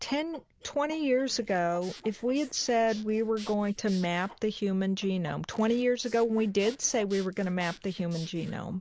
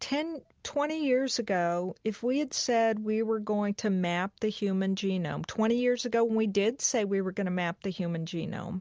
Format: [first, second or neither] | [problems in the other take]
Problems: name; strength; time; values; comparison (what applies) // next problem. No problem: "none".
second | noise reduction (neural mask model Resemble Enhance denoiser)